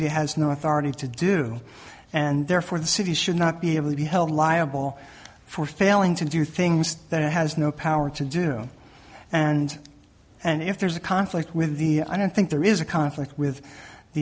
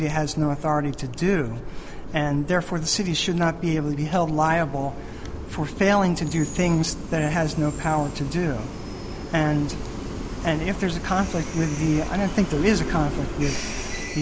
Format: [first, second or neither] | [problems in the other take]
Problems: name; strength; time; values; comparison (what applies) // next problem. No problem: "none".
first | background sound (Train); 7 dB below the speech